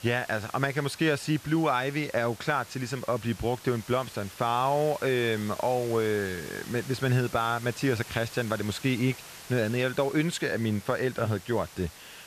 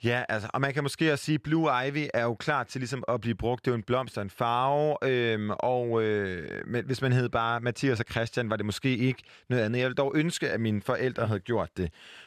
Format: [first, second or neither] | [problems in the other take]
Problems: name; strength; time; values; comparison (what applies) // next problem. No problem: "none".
second | hiss; noticeable; throughout; 15 dB below the speech